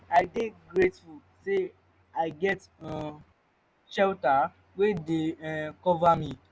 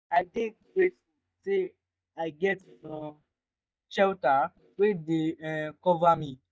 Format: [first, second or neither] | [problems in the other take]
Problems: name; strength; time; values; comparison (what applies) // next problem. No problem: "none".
first | noise reduction (neural mask model DeepFilterNet 3)